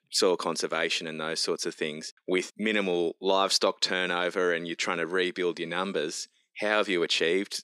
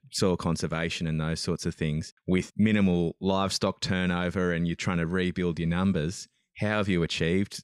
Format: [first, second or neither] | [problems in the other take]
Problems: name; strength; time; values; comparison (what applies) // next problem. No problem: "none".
second | thin; somewhat; fading below 300 Hz